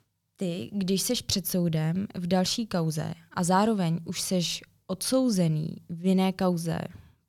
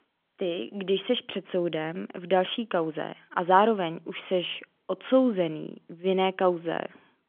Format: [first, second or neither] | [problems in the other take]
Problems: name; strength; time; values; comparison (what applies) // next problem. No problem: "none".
first | phone-call audio; nothing above 3.5 kHz